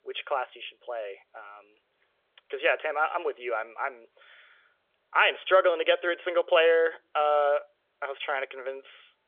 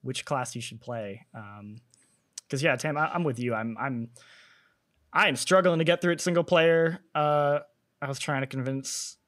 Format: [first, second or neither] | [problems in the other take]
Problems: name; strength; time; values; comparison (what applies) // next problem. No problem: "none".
second | phone-call audio; nothing above 3.5 kHz